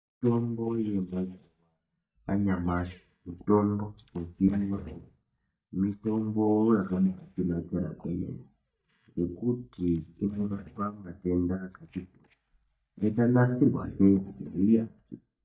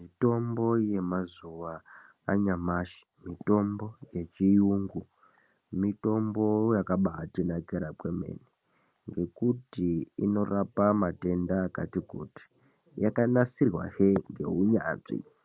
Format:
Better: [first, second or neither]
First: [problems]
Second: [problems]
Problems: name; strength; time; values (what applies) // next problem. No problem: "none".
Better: second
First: noise reduction (neural mask model DeepFilterNet 3)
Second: none